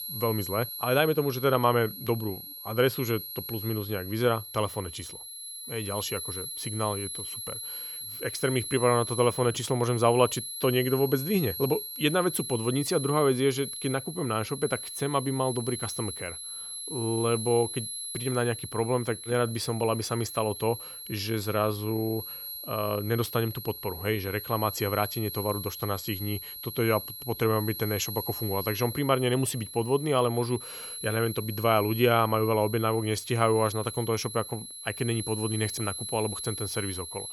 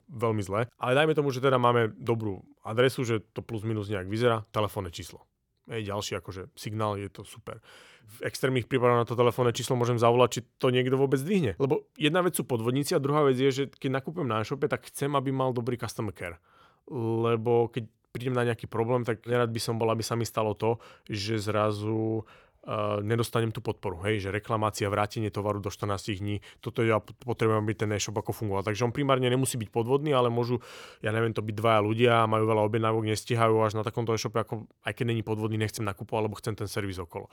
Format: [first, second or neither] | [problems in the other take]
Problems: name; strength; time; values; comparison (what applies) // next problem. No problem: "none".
second | high-pitched whine; loud; throughout; 11 kHz, 7 dB below the speech